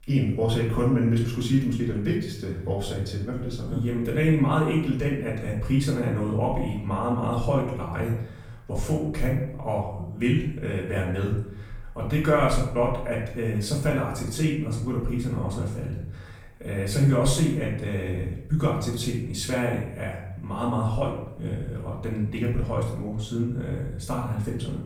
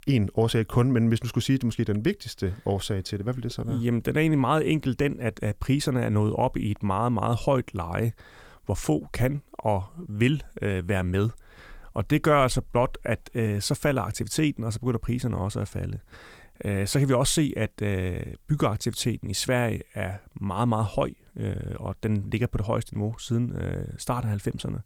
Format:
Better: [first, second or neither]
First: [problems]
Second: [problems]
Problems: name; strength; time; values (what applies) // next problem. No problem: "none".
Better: second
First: off-mic speech; far // room echo; noticeable; dies away in 0.6 s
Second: none